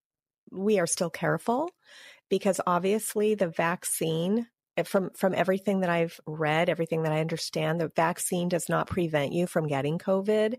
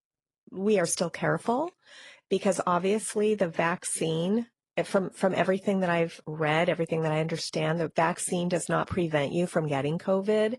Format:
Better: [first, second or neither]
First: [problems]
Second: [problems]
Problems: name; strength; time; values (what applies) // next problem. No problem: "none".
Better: first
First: none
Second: garbled, watery; slightly; nothing above 10.5 kHz